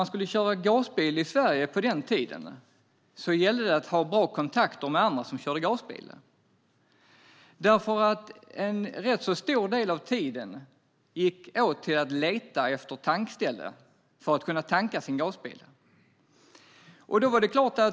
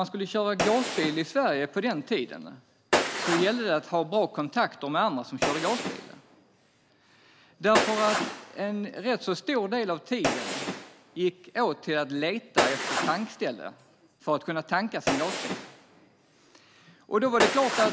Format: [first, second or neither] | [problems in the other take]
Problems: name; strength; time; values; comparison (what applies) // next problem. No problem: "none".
first | background sound (Gunshot, gunfire); 4 dB below the speech